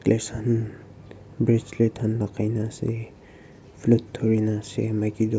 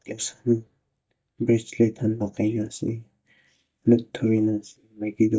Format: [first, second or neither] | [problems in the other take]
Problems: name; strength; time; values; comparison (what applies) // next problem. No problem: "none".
first | noise reduction (neural mask model DeepFilterNet 3)